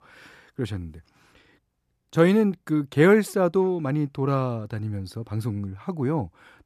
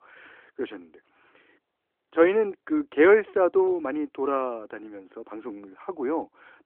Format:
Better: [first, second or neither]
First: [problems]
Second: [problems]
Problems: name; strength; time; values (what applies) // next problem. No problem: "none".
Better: first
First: none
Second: phone-call audio